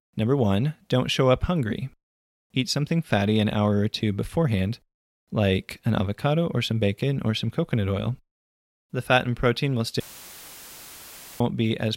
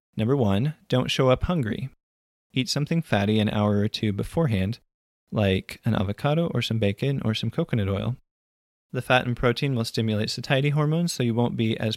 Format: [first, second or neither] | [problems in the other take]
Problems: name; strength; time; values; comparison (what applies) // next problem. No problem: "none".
second | audio cutting out; filled with static; at 10 s for 1.5 s